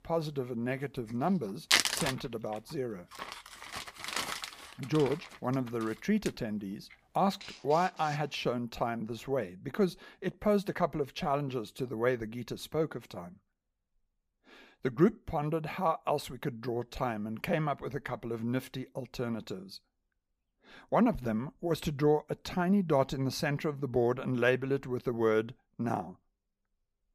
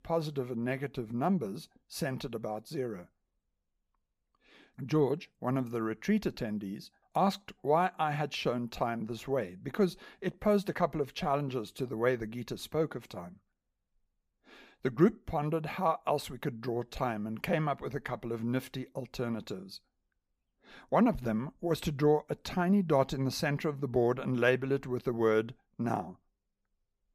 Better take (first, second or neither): second